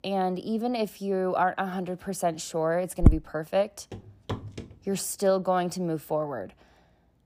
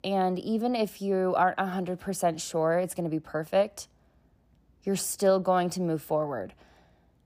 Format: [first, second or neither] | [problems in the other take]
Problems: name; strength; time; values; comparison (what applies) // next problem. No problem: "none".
second | footsteps; loud; at 3 s; peak 6 dB above the speech // footsteps; noticeable; at 4 s; peak 8 dB below the speech